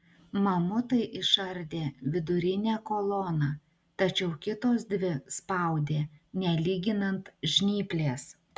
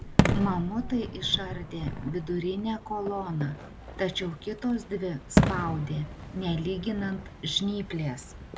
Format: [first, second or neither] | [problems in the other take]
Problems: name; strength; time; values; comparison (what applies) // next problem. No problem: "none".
first | background sound (Fireworks); as loud as the speech